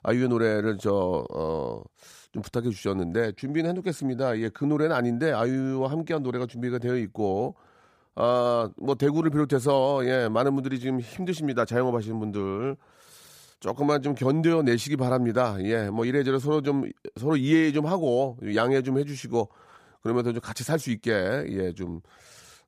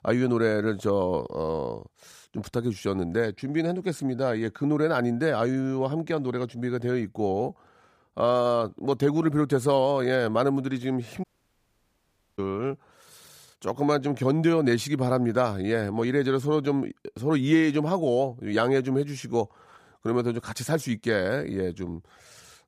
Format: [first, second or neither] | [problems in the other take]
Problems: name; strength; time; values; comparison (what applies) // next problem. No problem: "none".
first | audio cutting out; at 11 s for 1 s